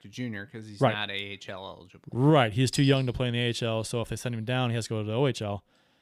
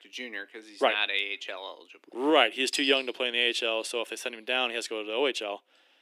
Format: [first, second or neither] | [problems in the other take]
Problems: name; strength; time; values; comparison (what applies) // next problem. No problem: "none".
first | thin; somewhat; fading below 300 Hz